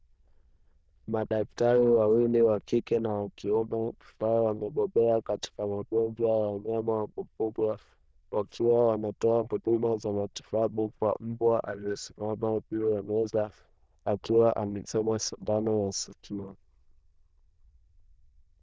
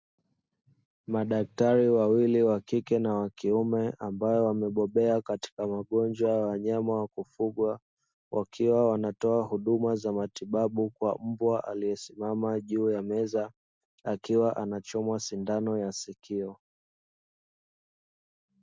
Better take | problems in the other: second | noise reduction (neural diffusion model UNIVERSE++)

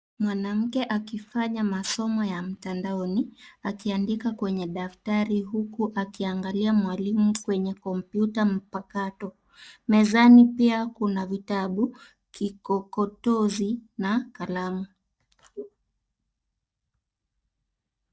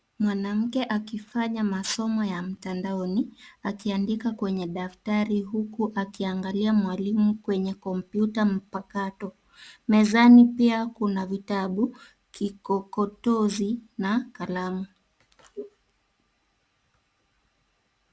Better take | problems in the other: second | noise reduction (neural mask model DeepFilterNet 3)

